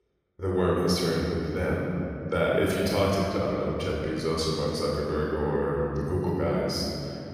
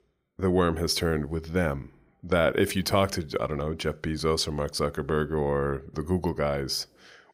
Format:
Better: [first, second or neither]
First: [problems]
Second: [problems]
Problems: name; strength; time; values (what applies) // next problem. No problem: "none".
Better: second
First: off-mic speech; far // room echo; strong; dies away in 2.7 s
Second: none